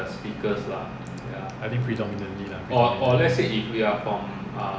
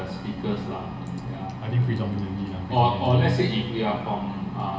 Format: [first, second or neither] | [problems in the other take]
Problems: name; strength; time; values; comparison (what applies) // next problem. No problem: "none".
first | room echo; dies away in 1.4 s